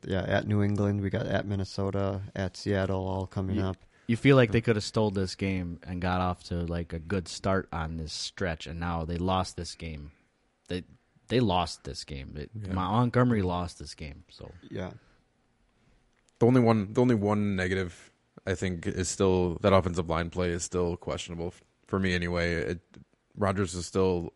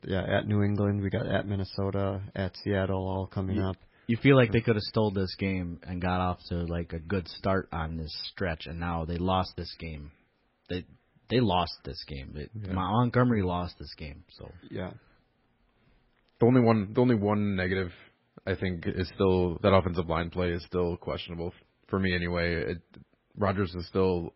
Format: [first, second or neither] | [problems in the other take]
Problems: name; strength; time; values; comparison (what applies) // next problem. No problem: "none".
first | garbled, watery; badly; nothing above 5.5 kHz; slightly in the first